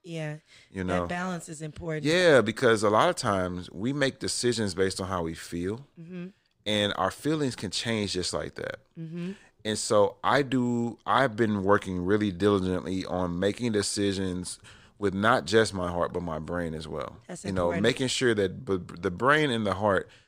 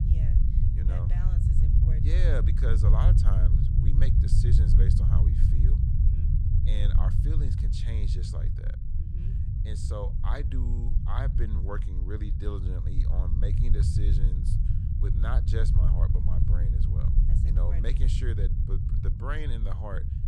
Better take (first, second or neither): first